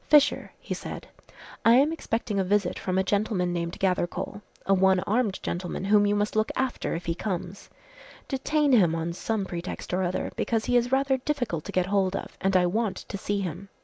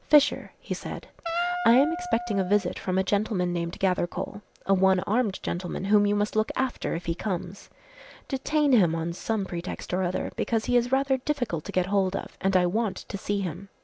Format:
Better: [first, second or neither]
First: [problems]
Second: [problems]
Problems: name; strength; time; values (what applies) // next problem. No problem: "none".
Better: first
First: none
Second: background sound (Wind instrument, woodwind instrument); 7 dB below the speech